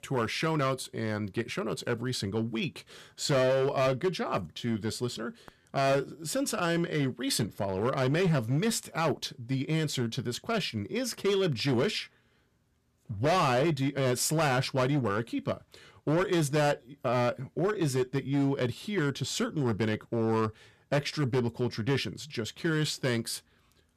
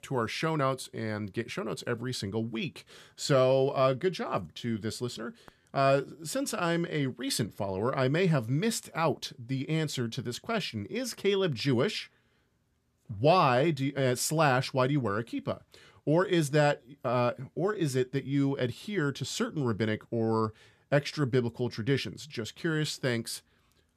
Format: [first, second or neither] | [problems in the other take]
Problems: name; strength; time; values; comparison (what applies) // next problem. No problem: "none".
second | distortion; slight; 8% of the sound clipped